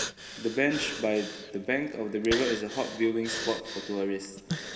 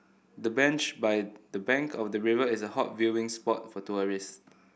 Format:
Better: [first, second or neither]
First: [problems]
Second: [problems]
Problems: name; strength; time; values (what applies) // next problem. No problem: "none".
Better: second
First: background sound (Breathing); 8 dB below the speech // room echo; dies away in 2.1 s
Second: none